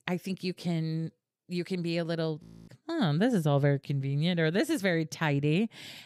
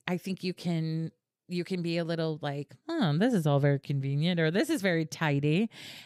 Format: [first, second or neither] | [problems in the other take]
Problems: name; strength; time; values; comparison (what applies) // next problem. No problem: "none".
second | audio freezing; at 2.5 s